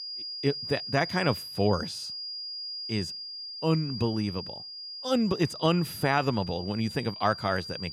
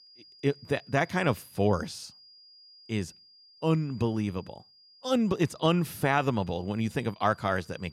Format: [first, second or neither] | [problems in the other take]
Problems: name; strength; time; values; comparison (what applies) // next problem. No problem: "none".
second | high-pitched whine; loud; throughout; 5 kHz, 8 dB below the speech; faint in the second